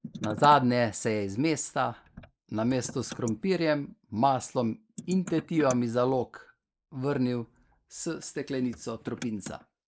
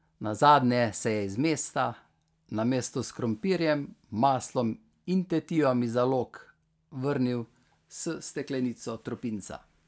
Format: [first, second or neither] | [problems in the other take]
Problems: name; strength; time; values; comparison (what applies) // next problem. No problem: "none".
second | noise reduction (neural mask model Resemble Enhance denoiser)